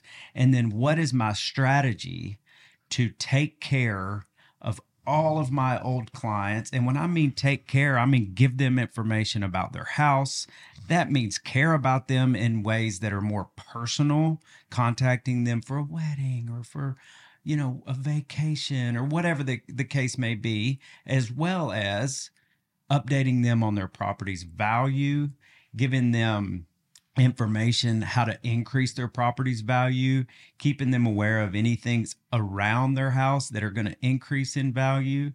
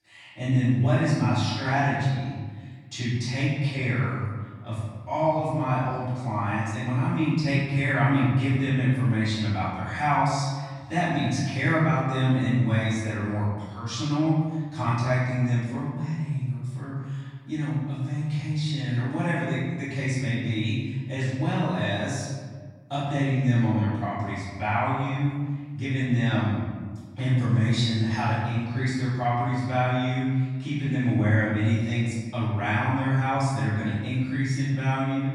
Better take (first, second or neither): first